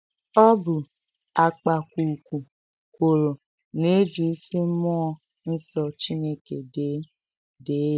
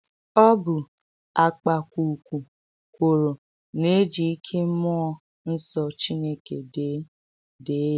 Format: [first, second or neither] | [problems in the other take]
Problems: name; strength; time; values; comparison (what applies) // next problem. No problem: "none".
second | noise reduction (neural mask model DeepFilterNet 3)